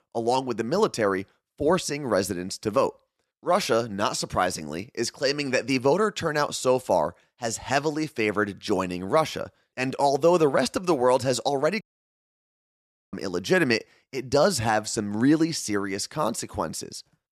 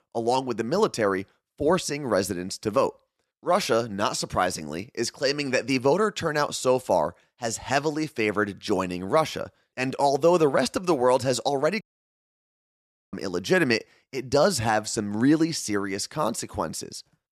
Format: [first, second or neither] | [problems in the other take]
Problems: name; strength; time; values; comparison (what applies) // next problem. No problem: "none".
neither | audio cutting out; at 12 s for 1.5 s; the same in both